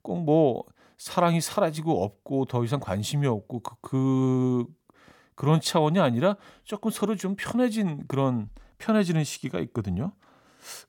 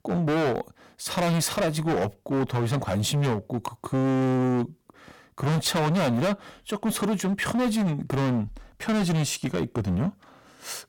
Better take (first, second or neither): first